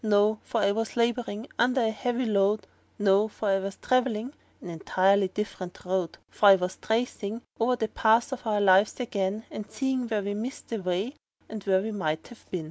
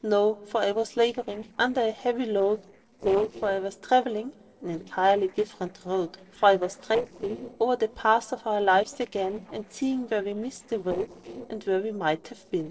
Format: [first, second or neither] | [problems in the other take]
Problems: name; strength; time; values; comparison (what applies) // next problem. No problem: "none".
first | noise reduction (neural separator model SepFormer DNS4)